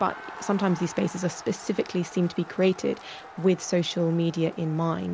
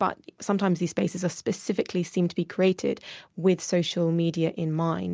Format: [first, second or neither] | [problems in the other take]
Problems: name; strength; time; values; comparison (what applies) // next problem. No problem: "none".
second | background sound (Crowd); 17 dB below the speech